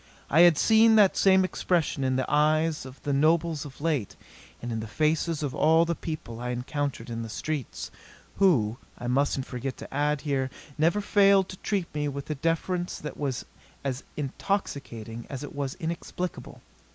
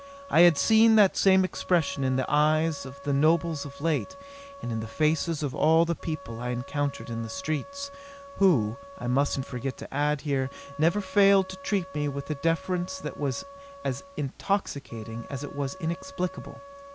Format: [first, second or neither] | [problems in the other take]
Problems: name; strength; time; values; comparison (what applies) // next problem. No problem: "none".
first | background sound (Wind instrument, woodwind instrument); 18 dB below the speech